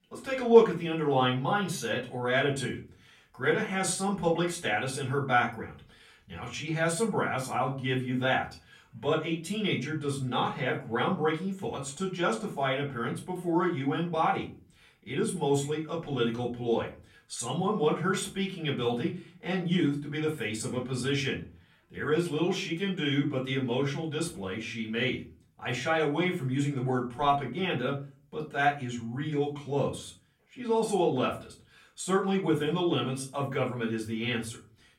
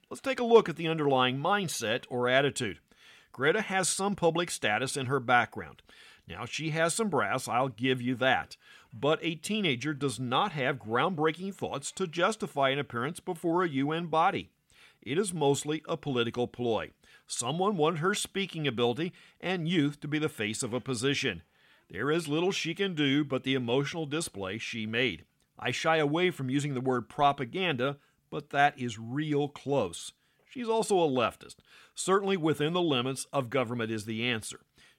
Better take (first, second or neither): second